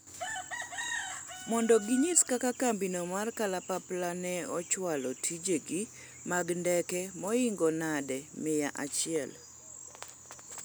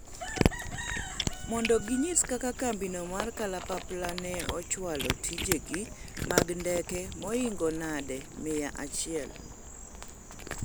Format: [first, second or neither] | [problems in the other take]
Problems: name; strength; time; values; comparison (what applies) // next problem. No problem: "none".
first | background sound (Cat); 3 dB below the speech